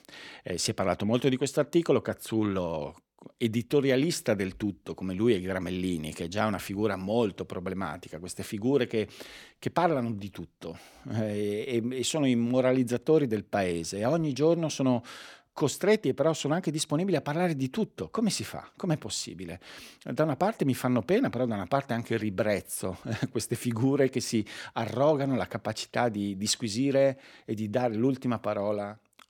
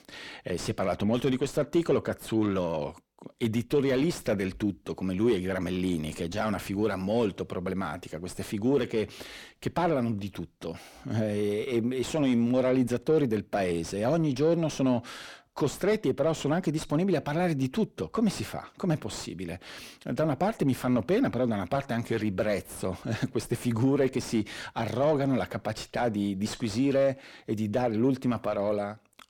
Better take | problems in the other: first | distortion; slight; 10 dB below the speech

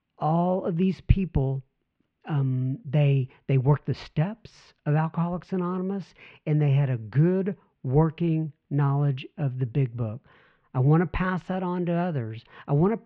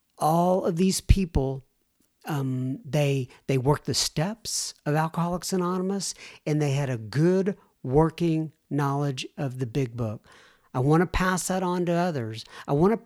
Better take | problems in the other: second | muffled; very; fading above 3 kHz

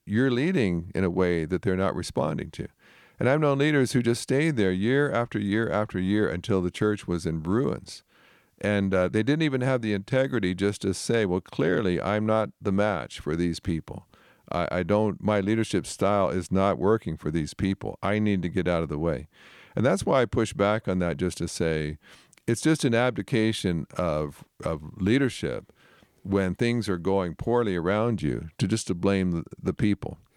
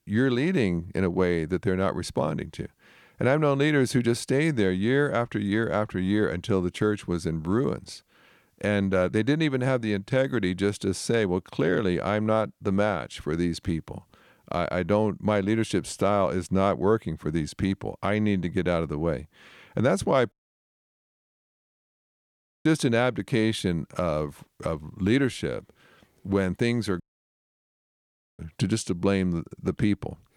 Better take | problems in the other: first | audio cutting out; at 20 s for 2.5 s and at 27 s for 1.5 s

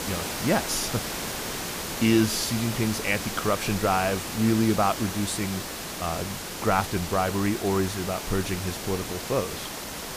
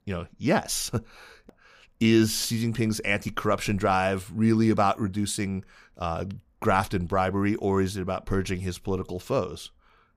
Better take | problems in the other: second | hiss; loud; throughout; 5 dB below the speech

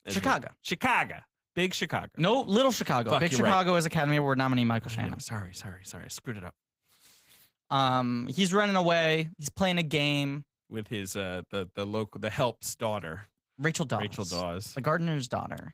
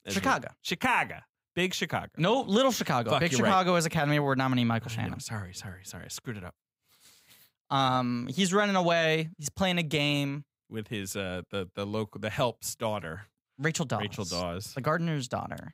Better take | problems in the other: second | garbled, watery; slightly; nothing above 15.5 kHz

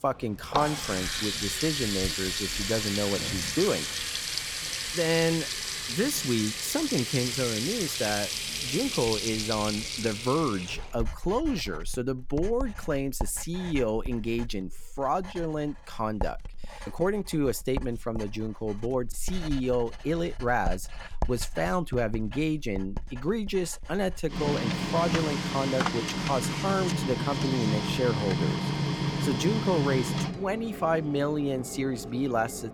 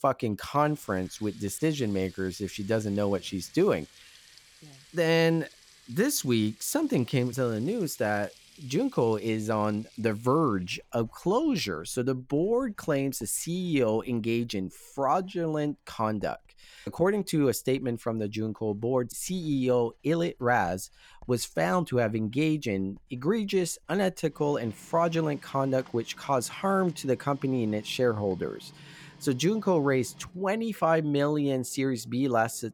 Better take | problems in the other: second | household noises; loud; throughout; 1 dB below the speech; faint in the second

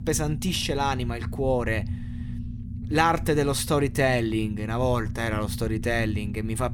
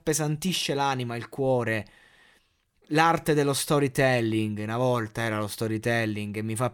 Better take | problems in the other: second | low rumble; noticeable; throughout; 20 dB below the speech

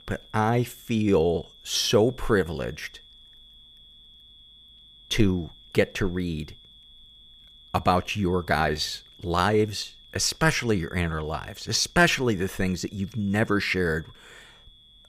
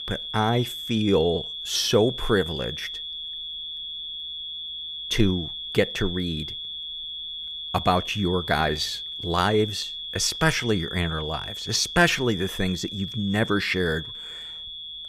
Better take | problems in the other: first | high-pitched whine; loud; throughout; 3.5 kHz, 7 dB below the speech; faint in the first

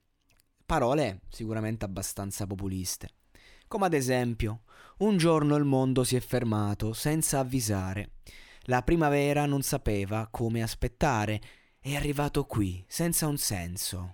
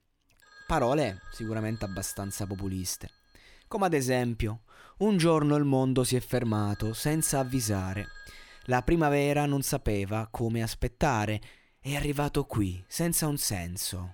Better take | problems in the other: first | alarms or sirens; faint; throughout; 20 dB below the speech

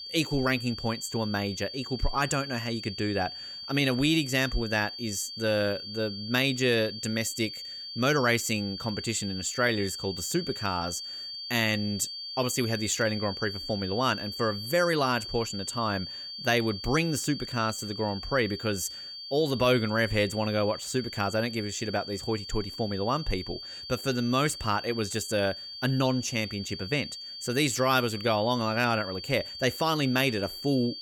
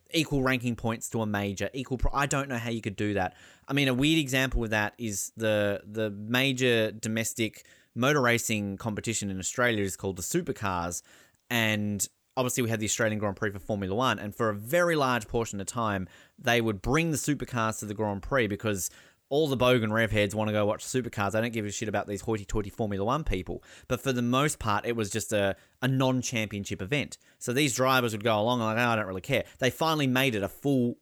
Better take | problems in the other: second | high-pitched whine; loud; throughout; 4.5 kHz, 8 dB below the speech

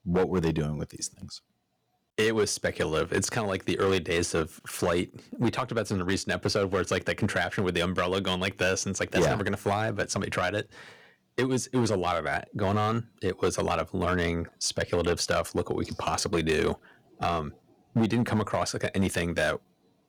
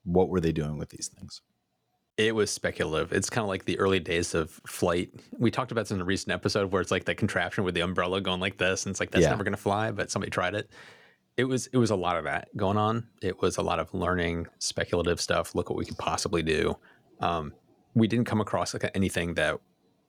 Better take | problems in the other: second | distortion; slight; 4% of the sound clipped

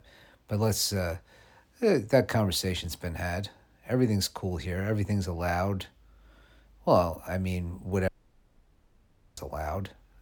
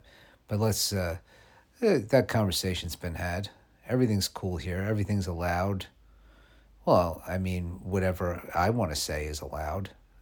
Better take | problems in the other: second | audio cutting out; at 8 s for 1.5 s

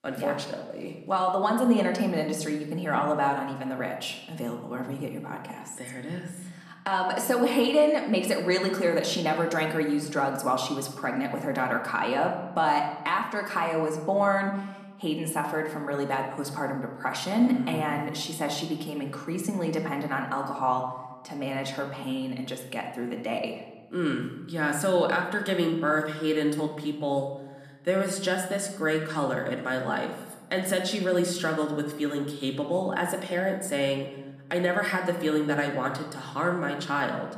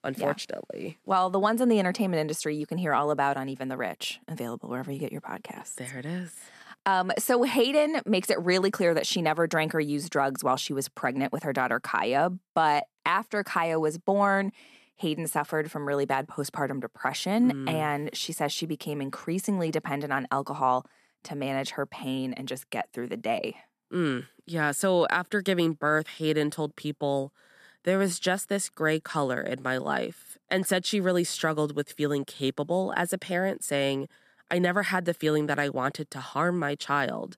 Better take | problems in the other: second | room echo; slight; dies away in 0.9 s // off-mic speech; somewhat distant

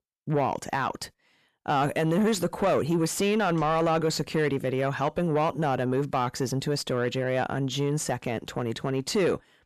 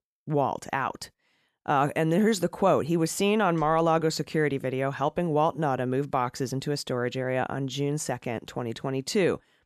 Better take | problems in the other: second | distortion; slight; 10 dB below the speech

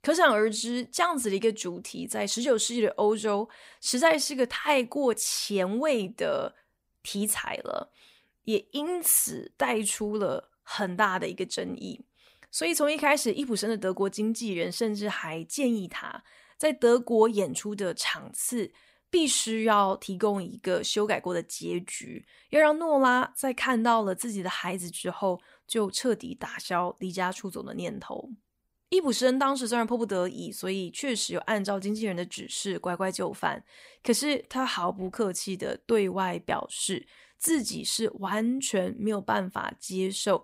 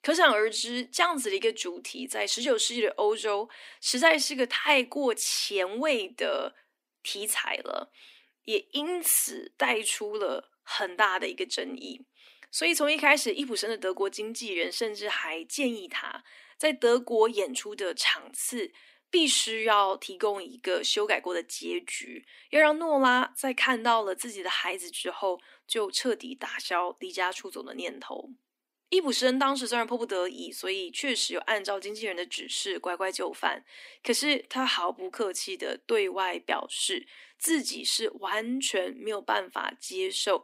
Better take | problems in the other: first | thin; very slightly; fading below 250 Hz

